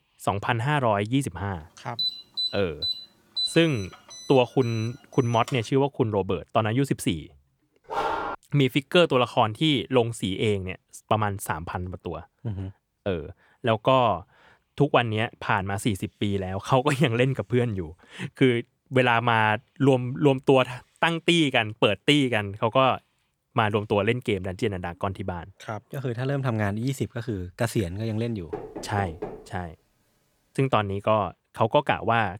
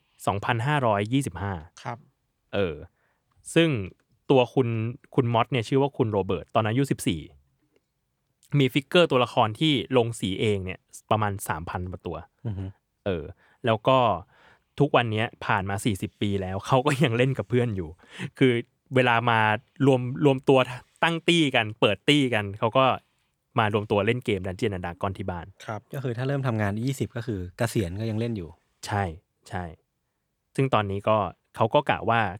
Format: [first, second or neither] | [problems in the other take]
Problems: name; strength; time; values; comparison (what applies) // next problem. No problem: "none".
second | alarm; noticeable; from 2 to 5.5 s; peak 2 dB below the speech // dog barking; noticeable; at 8 s; peak 3 dB below the speech // door banging; faint; at 29 s; peak 10 dB below the speech